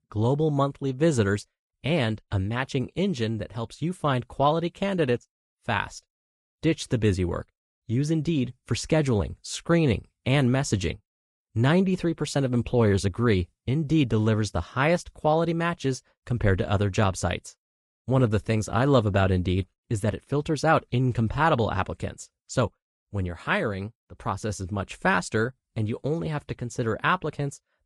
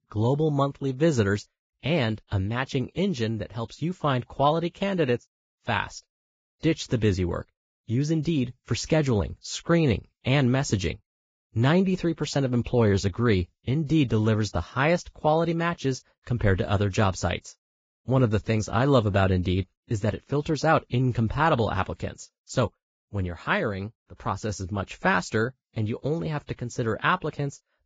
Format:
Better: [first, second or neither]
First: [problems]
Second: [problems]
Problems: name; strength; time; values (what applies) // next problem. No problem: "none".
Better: first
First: garbled, watery; slightly; nothing above 10.5 kHz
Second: garbled, watery; badly; nothing above 7.5 kHz